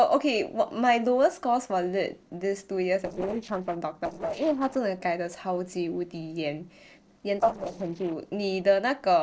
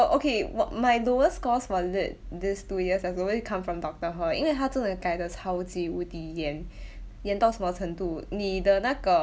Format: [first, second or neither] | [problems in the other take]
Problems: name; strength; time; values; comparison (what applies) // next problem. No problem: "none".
second | noise reduction (neural separator model SepFormer DNS4)